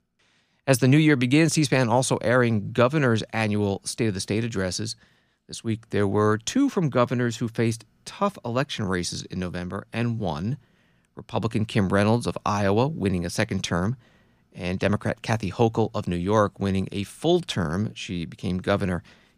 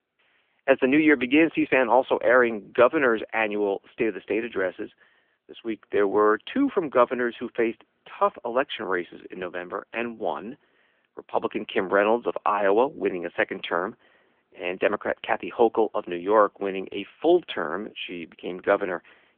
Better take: first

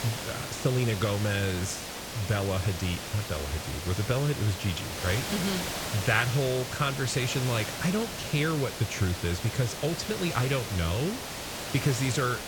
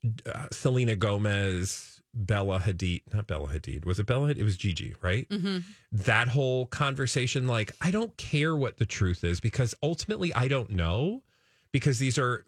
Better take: second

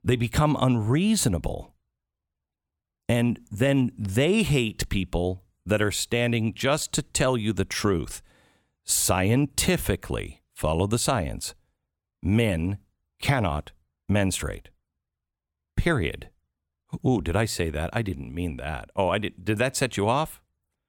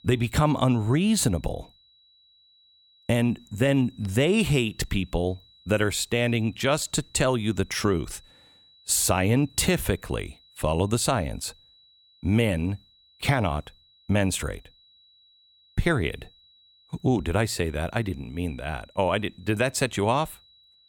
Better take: first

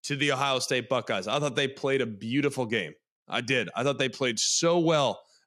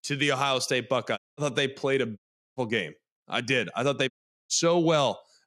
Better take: first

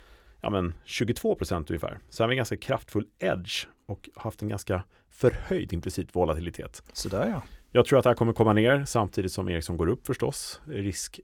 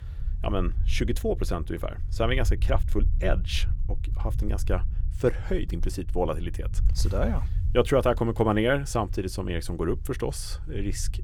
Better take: first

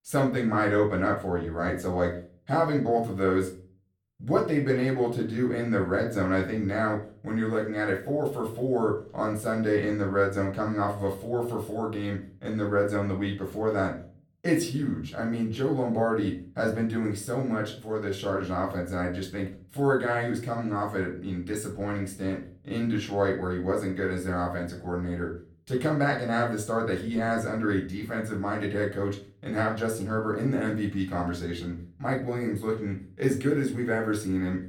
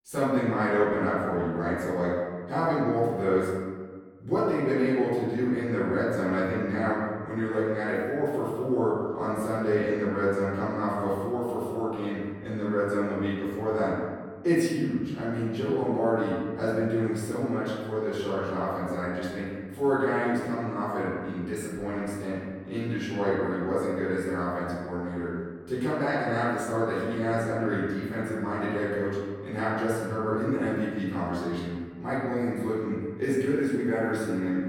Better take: first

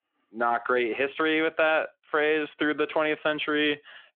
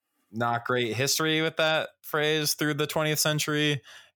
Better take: second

